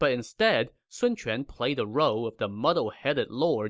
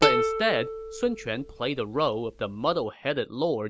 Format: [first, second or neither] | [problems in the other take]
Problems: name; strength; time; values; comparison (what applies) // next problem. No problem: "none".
first | background sound (Plucked string instrument); 2 dB below the speech